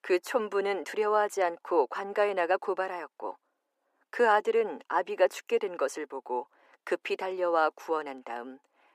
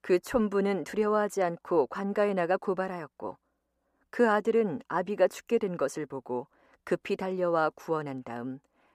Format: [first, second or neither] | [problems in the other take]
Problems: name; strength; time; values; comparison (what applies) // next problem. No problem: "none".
second | thin; somewhat; fading below 300 Hz